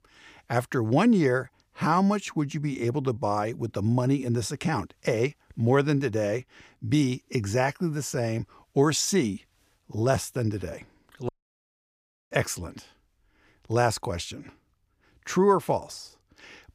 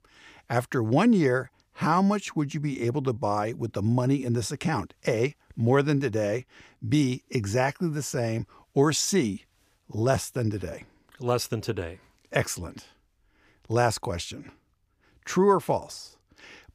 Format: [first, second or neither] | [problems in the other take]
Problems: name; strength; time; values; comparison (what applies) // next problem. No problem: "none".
second | audio cutting out; at 11 s for 1 s